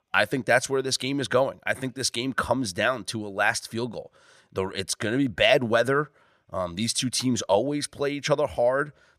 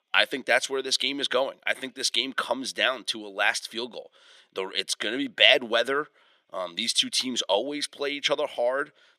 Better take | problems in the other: first | thin; very slightly; fading below 250 Hz

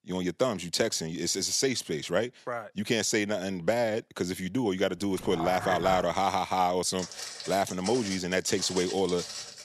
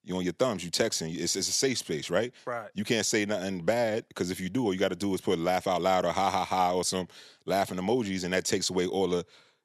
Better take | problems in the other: second | dog barking; noticeable; at 5 s; peak 5 dB below the speech // footsteps; noticeable; from 7 s on; peak 7 dB below the speech

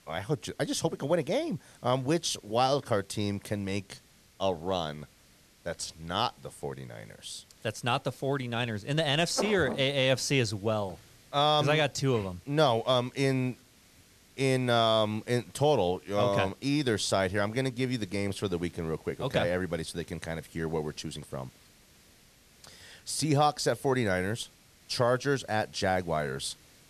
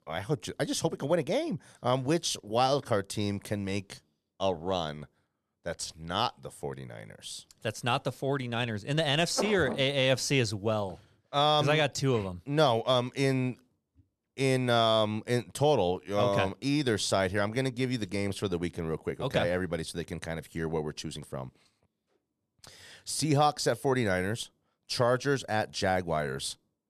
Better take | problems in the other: second | hiss; faint; throughout; 30 dB below the speech

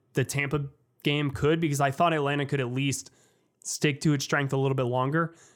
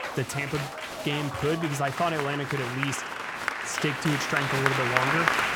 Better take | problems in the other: first | crowd noise; very loud; throughout; 1 dB above the speech

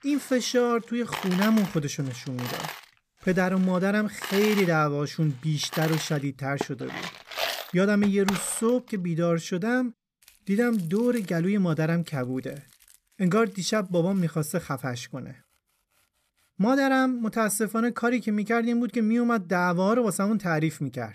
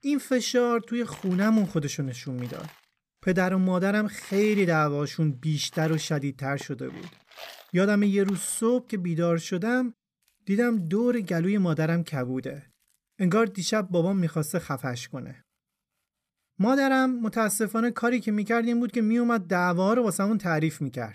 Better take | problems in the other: second | household noises; loud; throughout; 10 dB below the speech; faint in the second

